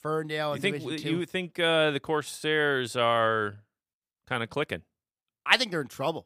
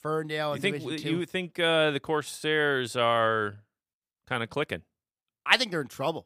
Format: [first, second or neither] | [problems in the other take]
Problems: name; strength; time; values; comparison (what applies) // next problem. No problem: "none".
neither | none